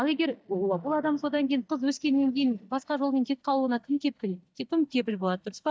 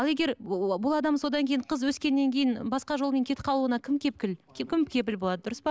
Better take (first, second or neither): second